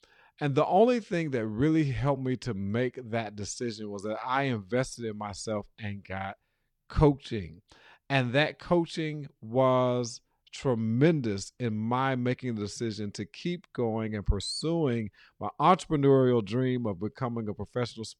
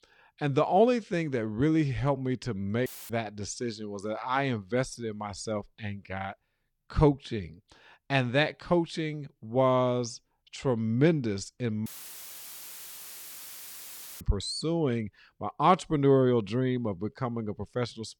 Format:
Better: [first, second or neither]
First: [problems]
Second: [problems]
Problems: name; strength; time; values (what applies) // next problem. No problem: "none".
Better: first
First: none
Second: audio cutting out; filled with static; at 3 s and at 12 s for 2.5 s